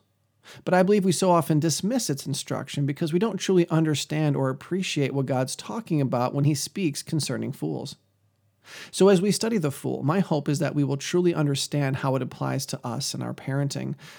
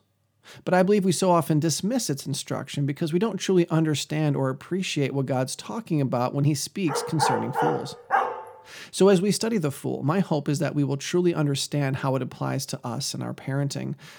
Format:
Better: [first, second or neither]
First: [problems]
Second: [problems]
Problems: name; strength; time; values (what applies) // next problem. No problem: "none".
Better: first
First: none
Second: dog barking; loud; from 7 to 8.5 s; peak level with the speech